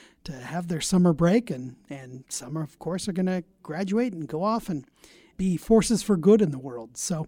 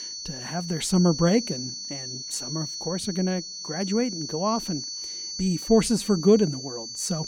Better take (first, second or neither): first